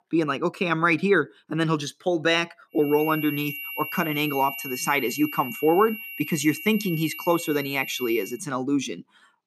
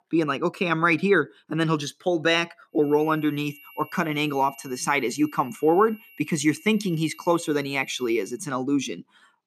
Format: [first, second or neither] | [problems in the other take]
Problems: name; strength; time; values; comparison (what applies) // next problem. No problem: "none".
second | high-pitched whine; loud; from 3 to 8.5 s; 3 kHz, 9 dB below the speech; faint in the second